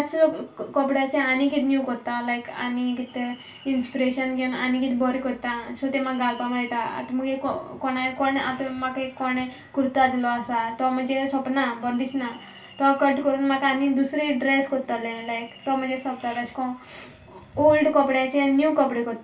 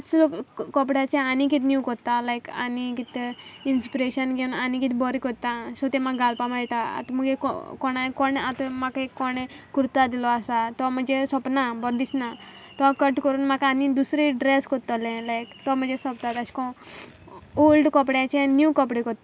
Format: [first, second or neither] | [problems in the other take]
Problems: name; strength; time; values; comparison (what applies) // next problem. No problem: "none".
second | room echo; dies away in 0.3 s